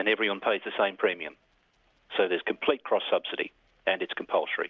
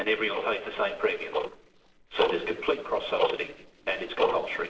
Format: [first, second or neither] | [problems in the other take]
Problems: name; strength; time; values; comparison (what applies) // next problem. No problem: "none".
first | noise reduction (neural separator model SepFormer DNS4)